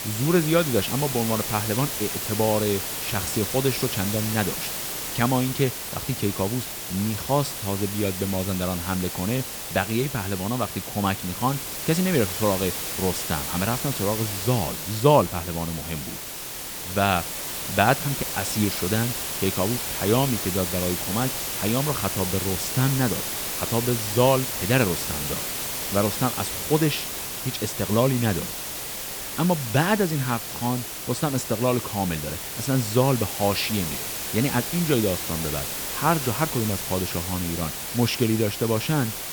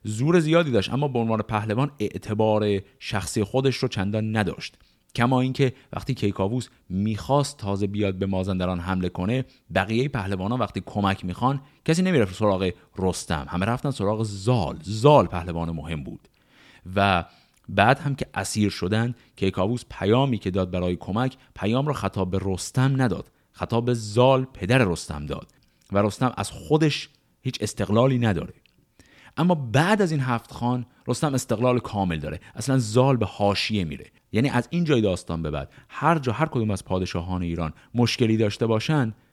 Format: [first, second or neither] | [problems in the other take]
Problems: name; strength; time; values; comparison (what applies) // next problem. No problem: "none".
second | hiss; loud; throughout; 3 dB below the speech